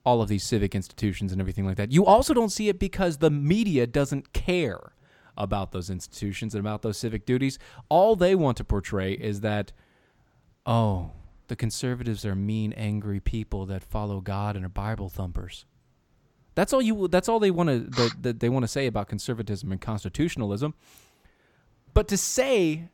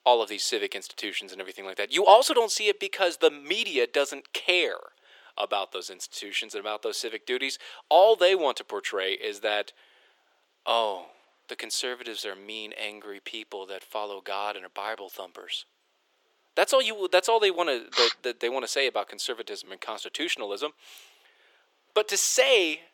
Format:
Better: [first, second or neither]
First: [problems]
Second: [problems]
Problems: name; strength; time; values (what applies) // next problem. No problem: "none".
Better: first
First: none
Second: thin; very; fading below 400 Hz